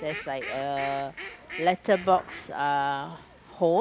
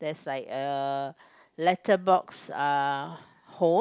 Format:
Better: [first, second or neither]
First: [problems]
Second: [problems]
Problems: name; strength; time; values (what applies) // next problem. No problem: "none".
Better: second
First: background sound (Fowl); 14 dB below the speech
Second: none